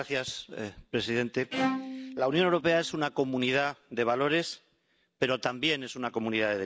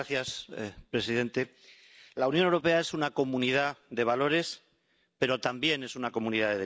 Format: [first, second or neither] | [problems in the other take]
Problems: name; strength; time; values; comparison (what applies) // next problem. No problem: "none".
second | background sound (Bowed string instrument); 7 dB below the speech